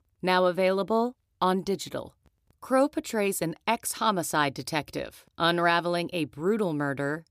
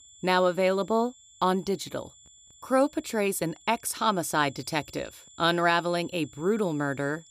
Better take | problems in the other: first | high-pitched whine; faint; throughout; 7 kHz, 25 dB below the speech

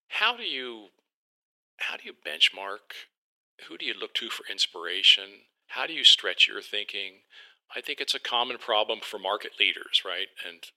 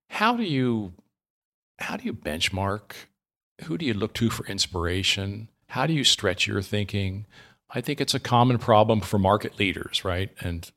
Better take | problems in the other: second | thin; very; fading below 400 Hz

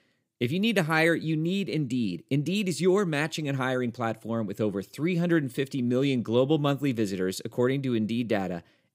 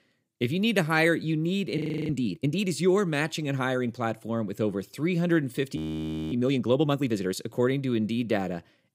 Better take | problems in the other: first | audio freezing; at 2 s and at 6 s for 0.5 s

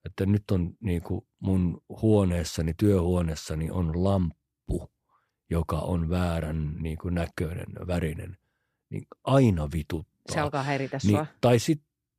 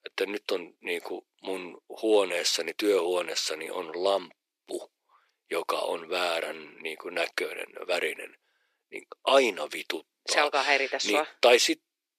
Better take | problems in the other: first | thin; very; fading below 350 Hz

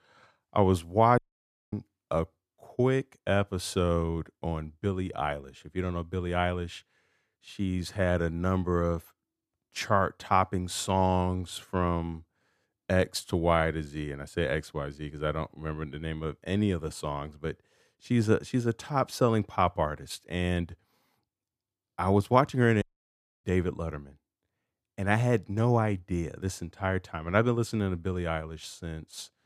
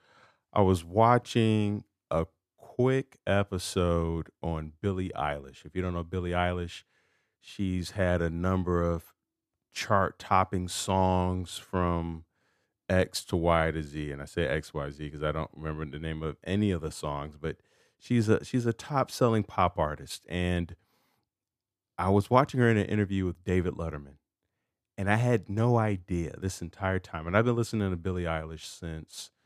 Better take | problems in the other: second | audio cutting out; at 1 s for 0.5 s and at 23 s for 0.5 s

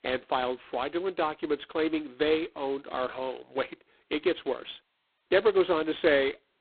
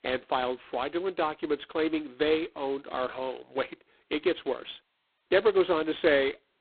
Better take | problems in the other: neither | phone-call audio; poor line; nothing above 4 kHz; the same in both

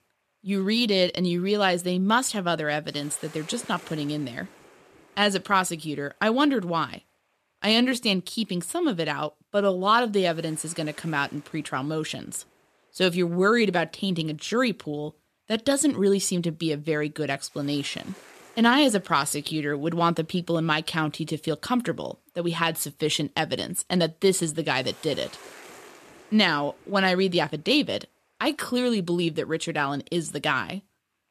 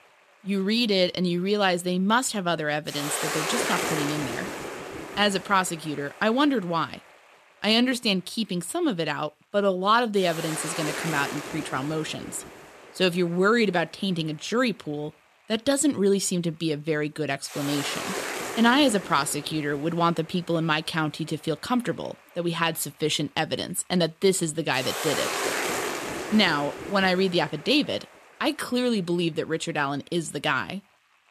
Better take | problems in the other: first | hiss; loud; throughout; 7 dB below the speech; faint in the first

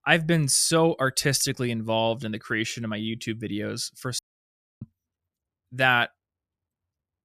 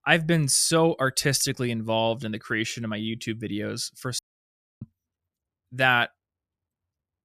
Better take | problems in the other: neither | audio cutting out; at 4 s for 0.5 s; the same in both

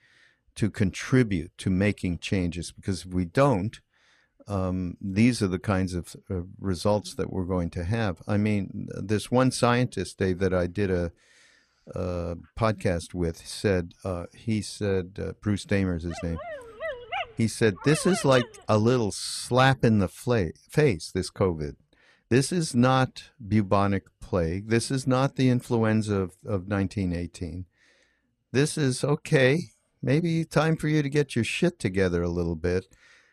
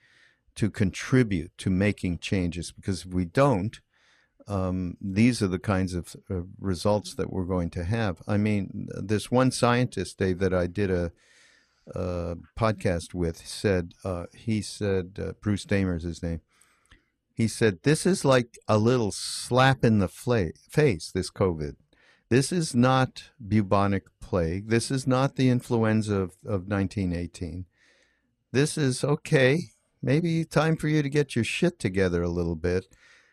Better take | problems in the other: second | dog barking; noticeable; from 16 to 18 s; peak 5 dB below the speech

